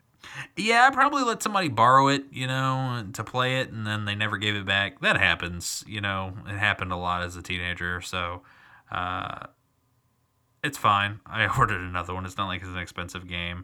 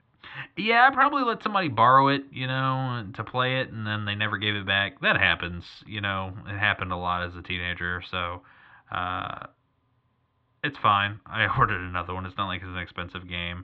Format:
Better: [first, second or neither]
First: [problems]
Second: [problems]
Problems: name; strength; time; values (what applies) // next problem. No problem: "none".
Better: first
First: none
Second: muffled; slightly; fading above 3.5 kHz